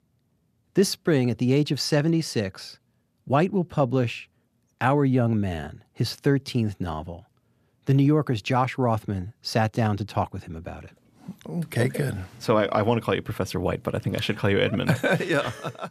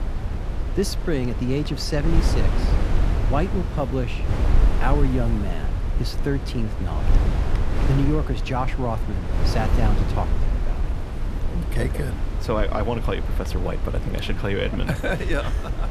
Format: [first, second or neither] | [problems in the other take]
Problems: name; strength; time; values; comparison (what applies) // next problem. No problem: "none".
first | wind noise on the microphone; heavy; 6 dB below the speech